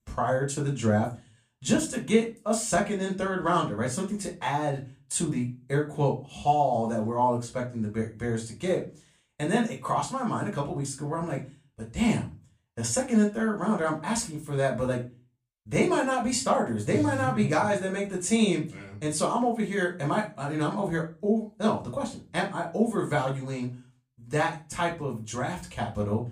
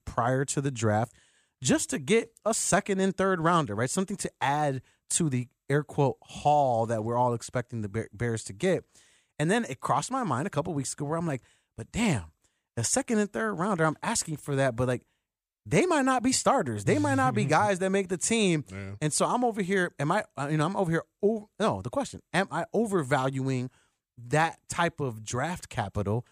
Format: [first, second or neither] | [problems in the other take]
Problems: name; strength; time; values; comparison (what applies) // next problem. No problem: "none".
second | off-mic speech; far // room echo; very slight; dies away in 0.3 s